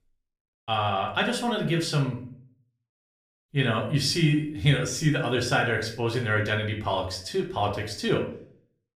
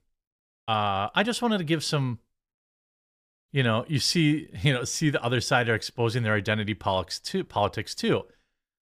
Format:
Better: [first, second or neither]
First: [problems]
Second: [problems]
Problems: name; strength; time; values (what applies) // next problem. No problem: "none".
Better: second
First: room echo; slight; dies away in 0.4 s // off-mic speech; somewhat distant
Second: none